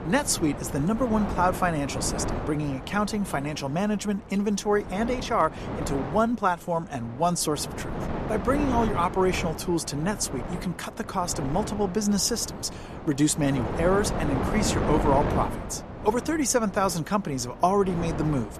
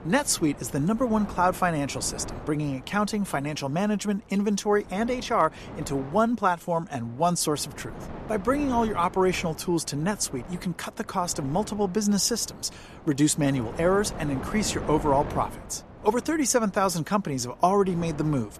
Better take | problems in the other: second | wind noise on the microphone; heavy; 8 dB below the speech; occasional gusts in the second

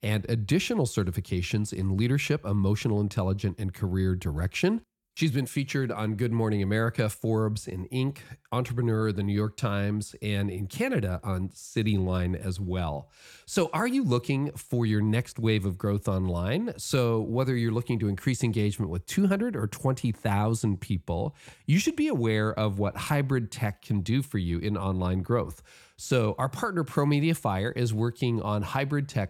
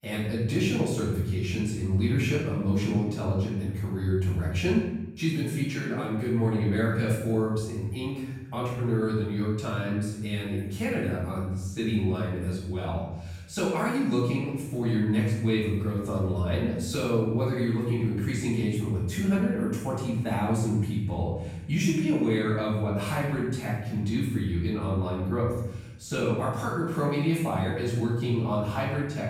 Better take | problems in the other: first | off-mic speech; far // room echo; noticeable; dies away in 0.9 s

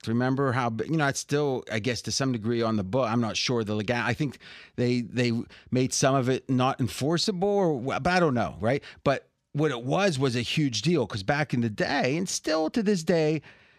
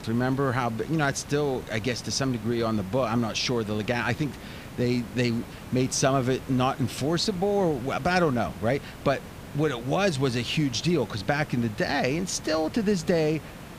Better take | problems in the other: first | hiss; noticeable; throughout; 15 dB below the speech

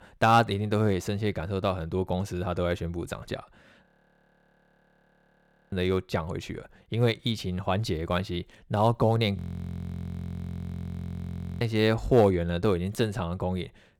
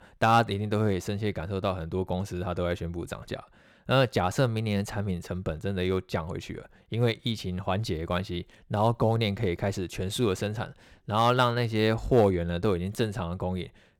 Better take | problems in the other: second | audio freezing; at 4 s for 2 s and at 9.5 s for 2 s

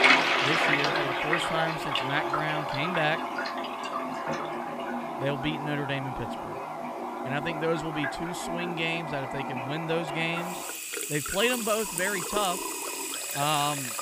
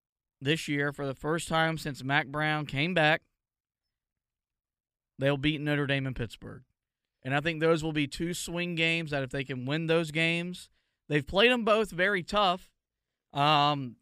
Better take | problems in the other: second | household noises; very loud; throughout; 1 dB above the speech

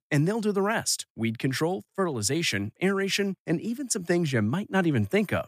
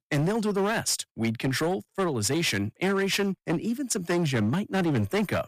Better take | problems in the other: first | distortion; slight; 16% of the sound clipped

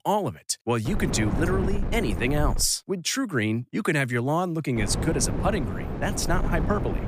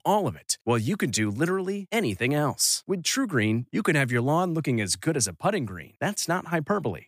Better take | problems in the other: second | wind noise on the microphone; heavy; from 1 to 2.5 s and from 5 s on; 9 dB below the speech

